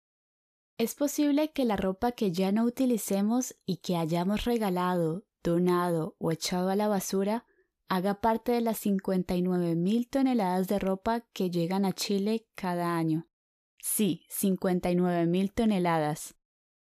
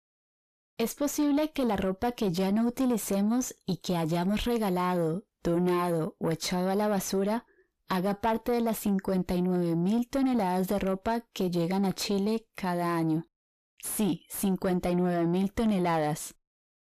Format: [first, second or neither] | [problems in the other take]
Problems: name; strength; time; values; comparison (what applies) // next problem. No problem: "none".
first | distortion; slight; 10 dB below the speech